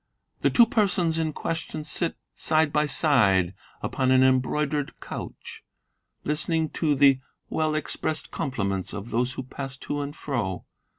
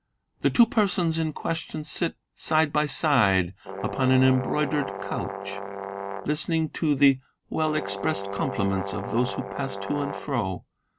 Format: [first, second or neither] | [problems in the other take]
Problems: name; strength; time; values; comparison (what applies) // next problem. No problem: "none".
first | background sound (Brass instrument); 8 dB below the speech